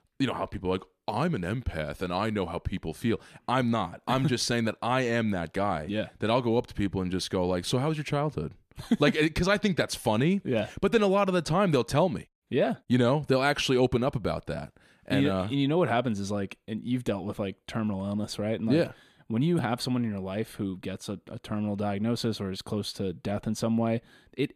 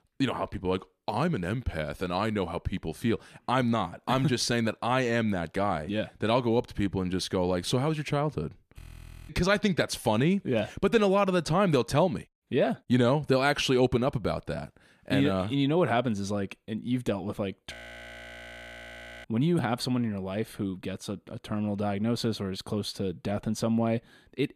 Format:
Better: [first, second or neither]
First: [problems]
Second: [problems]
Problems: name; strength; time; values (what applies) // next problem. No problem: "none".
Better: first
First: none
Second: audio freezing; at 9 s for 0.5 s and at 18 s for 1.5 s